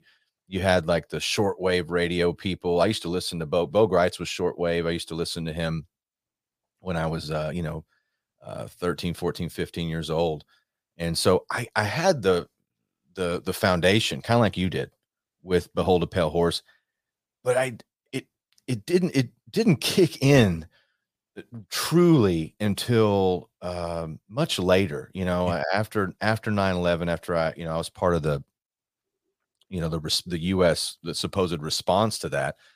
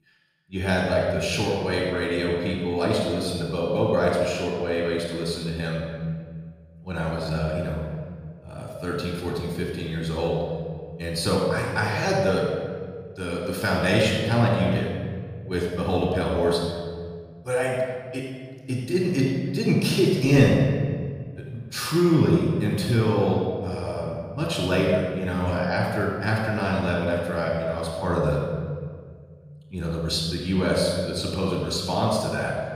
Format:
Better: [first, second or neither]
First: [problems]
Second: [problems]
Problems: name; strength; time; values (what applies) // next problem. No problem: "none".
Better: first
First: none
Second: off-mic speech; far // room echo; noticeable; dies away in 1.6 s